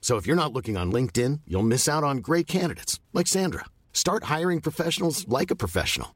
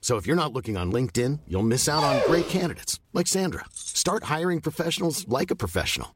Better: first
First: none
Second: dog barking; loud; at 2 s; peak 2 dB above the speech // jangling keys; noticeable; at 4 s; peak 6 dB below the speech

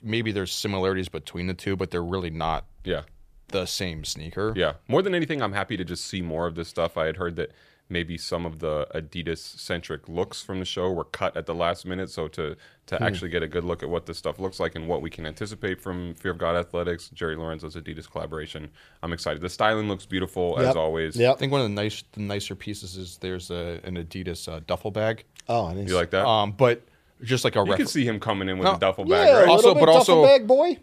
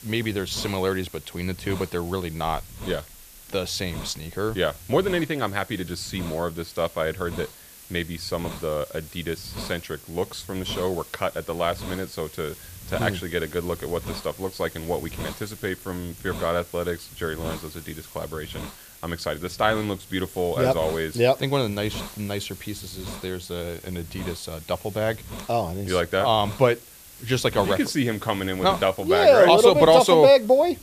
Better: first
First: none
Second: hiss; noticeable; throughout; 15 dB below the speech

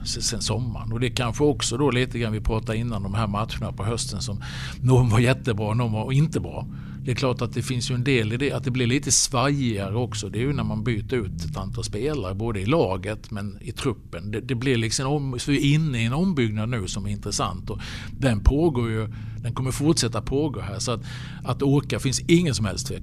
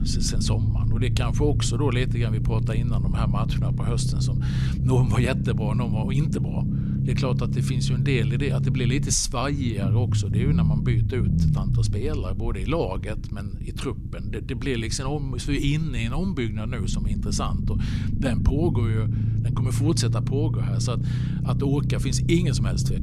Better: first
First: low rumble; faint; throughout; 20 dB below the speech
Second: low rumble; loud; throughout; 6 dB below the speech

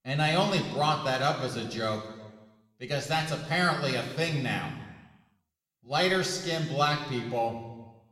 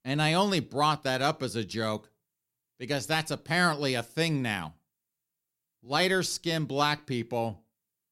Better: second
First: room echo; slight; dies away in 1.2 s // off-mic speech; somewhat distant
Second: none

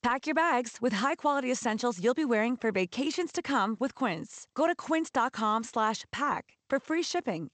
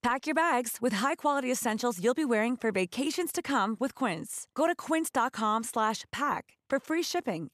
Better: second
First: garbled, watery; slightly; nothing above 8 kHz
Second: none

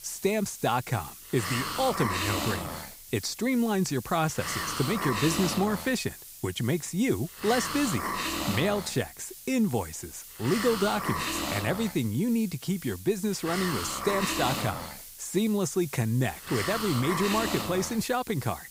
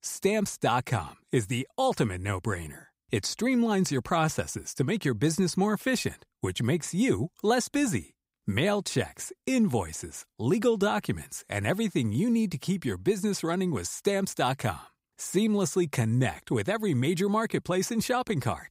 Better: second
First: hiss; loud; throughout; 5 dB below the speech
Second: none

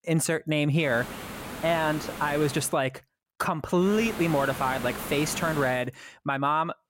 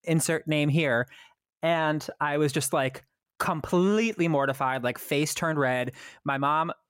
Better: second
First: hiss; noticeable; from 1 to 2.5 s and from 4 to 5.5 s; 10 dB below the speech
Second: none

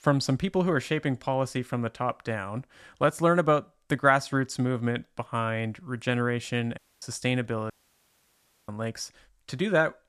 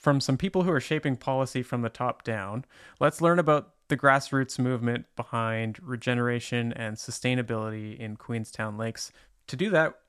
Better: second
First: audio cutting out; at 7 s and at 7.5 s for 1 s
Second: none

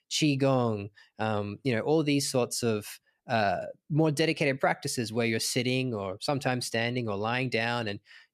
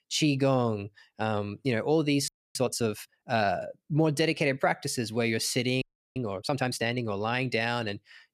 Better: first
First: none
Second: audio freezing; at 2.5 s and at 6 s

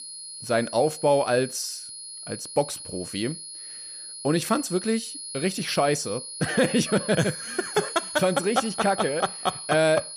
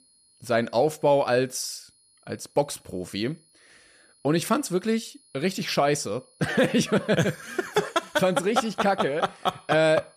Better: second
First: high-pitched whine; loud; throughout; 10.5 kHz, 10 dB below the speech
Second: high-pitched whine; faint; throughout; 10.5 kHz, 30 dB below the speech

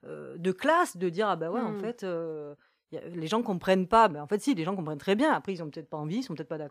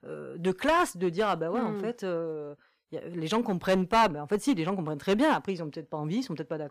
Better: first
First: none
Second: distortion; slight; 3% of the sound clipped

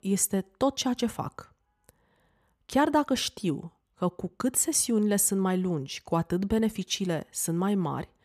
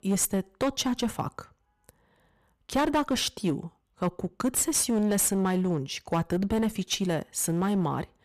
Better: first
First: none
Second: distortion; slight; 9% of the sound clipped

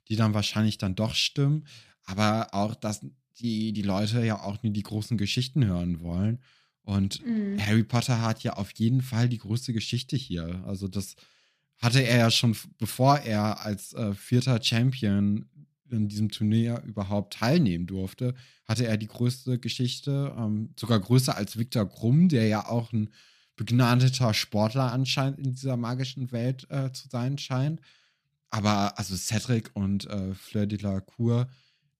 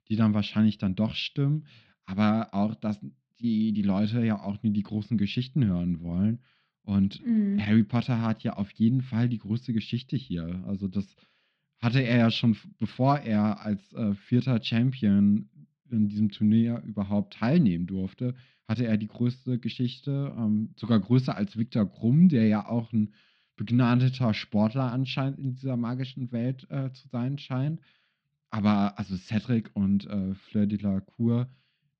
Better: first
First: none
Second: muffled; slightly; fading above 4 kHz

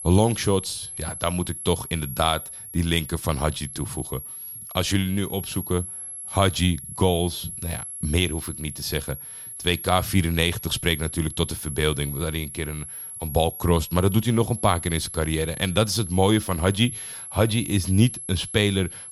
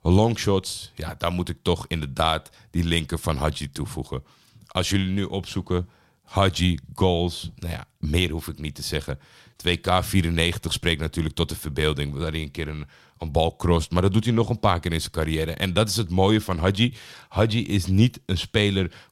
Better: second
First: high-pitched whine; loud; throughout; 11 kHz, 9 dB below the speech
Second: none

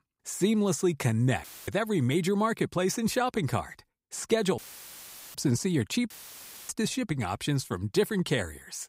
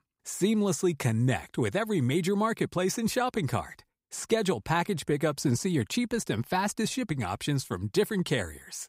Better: second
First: audio cutting out; filled with static; at 1.5 s, at 4.5 s for 1 s and at 6 s for 0.5 s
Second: none

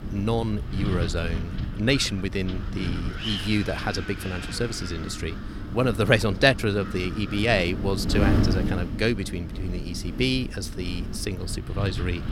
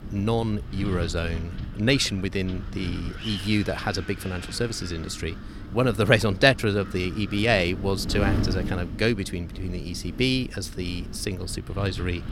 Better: second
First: wind noise on the microphone; heavy; 9 dB below the speech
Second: wind noise on the microphone; occasional gusts; 15 dB below the speech

